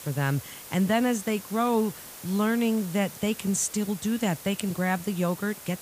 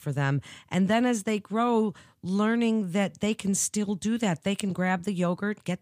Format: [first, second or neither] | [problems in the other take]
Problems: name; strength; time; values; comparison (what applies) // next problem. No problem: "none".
second | hiss; noticeable; throughout; 15 dB below the speech